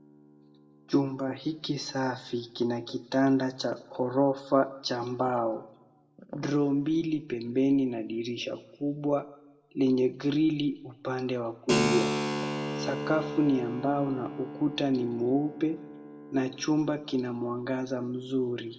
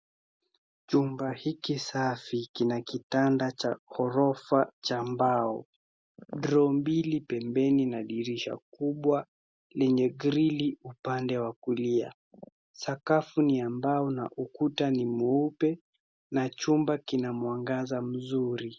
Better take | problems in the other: second | background sound (Keyboard (musical)); 10 dB below the speech // room echo; dies away in 0.7 s

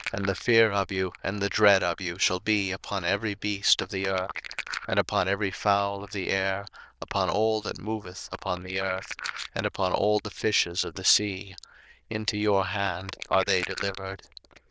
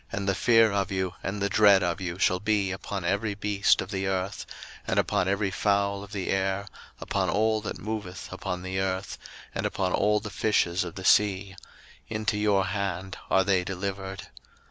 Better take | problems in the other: second | noise reduction (neural diffusion model UNIVERSE++)

